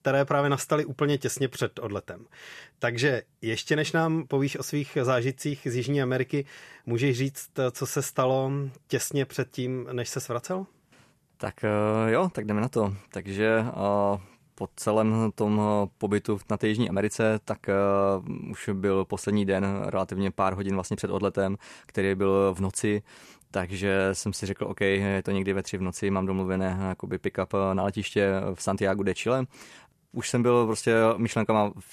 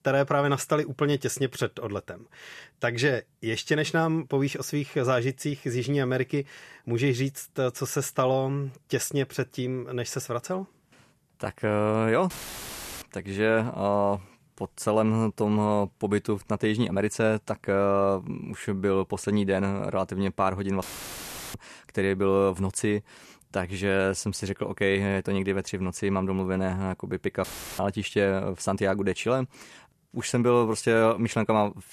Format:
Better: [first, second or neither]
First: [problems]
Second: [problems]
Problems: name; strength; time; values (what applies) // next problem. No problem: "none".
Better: first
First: none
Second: audio cutting out; filled with static; at 12 s for 0.5 s, at 21 s for 0.5 s and at 27 s